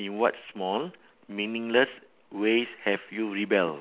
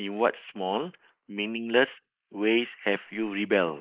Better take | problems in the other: first | noise reduction (neural mask model Resemble Enhance denoiser)

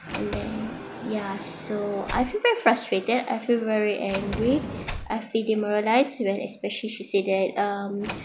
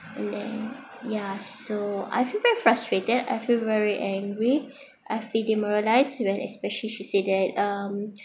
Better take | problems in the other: second | background sound (Sliding door); 12 dB below the speech

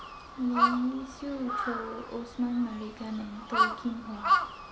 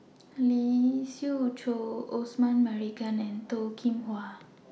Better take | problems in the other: second | background sound (Crow); 2 dB above the speech

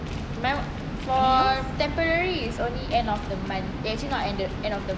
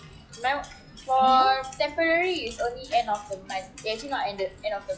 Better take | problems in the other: first | noise reduction (classical method log-MMSE)

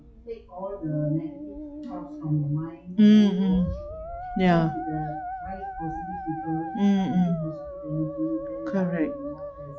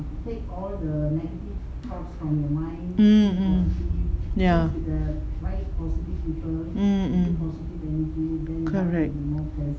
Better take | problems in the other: second | noise reduction (classical method log-MMSE)

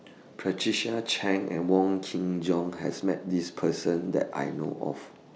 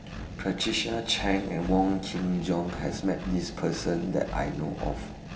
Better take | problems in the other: first | background sound (Engine); 9 dB below the speech // room echo; dies away in 1.8 s

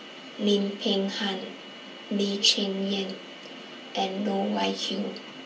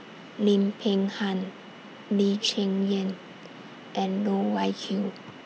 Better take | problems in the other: second | room echo; dies away in 0.3 s

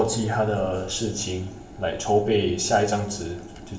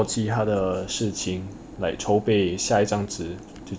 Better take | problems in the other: second | room echo; dies away in 0.7 s

